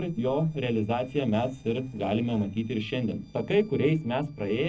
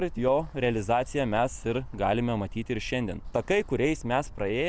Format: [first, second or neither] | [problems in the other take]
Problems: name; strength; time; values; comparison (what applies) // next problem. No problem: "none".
second | noise reduction (neural separator model SepFormer DNS4)